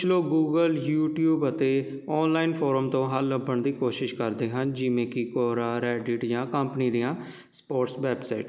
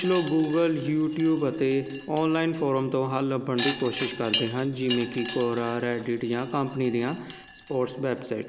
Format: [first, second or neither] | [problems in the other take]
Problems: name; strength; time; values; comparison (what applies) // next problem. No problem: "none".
first | background sound (Wind chime); 12 dB below the speech